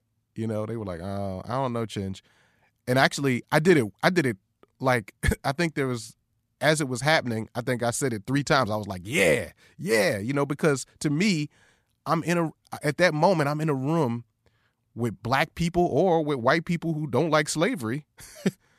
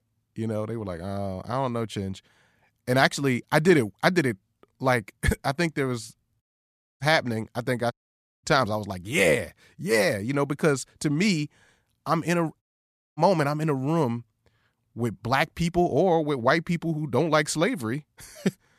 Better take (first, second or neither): first